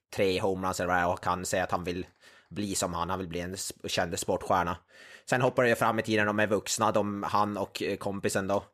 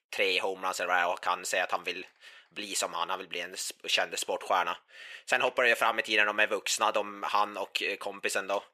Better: first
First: none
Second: thin; somewhat; fading below 500 Hz

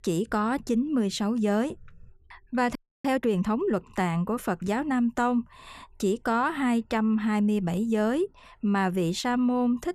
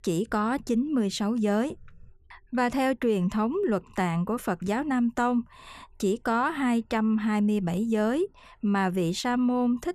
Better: second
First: audio freezing; at 3 s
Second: none

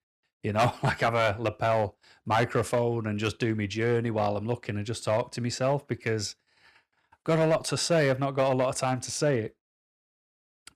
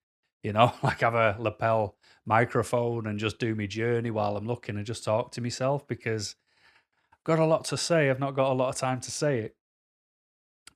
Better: second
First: distortion; slight; 3% of the sound clipped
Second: none

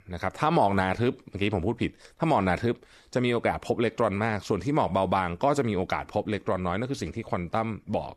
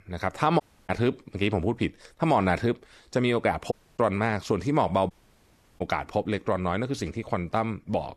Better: first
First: none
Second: audio cutting out; at 0.5 s, at 3.5 s and at 5 s for 0.5 s

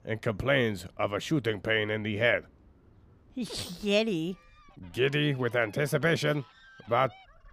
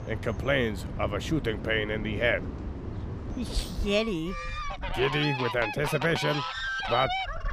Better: first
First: animal sounds; faint; throughout; 30 dB below the speech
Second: animal sounds; loud; throughout; 5 dB below the speech

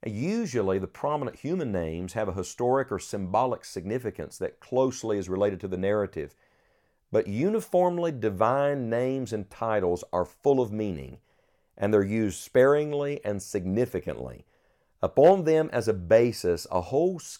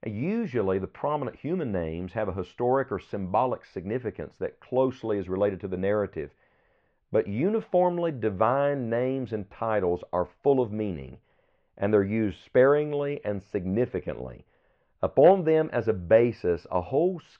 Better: first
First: none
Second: muffled; very; fading above 3 kHz

